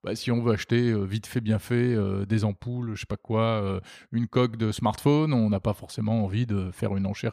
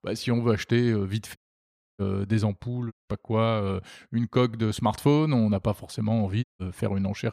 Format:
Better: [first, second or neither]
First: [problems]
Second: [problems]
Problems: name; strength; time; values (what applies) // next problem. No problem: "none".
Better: first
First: none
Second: audio cutting out; at 1.5 s for 0.5 s, at 3 s and at 6.5 s